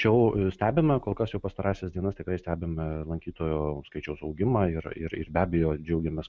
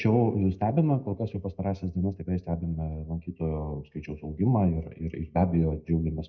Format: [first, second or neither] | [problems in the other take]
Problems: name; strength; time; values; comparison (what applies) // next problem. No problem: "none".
first | noise reduction (neural mask model DeepFilterNet 3)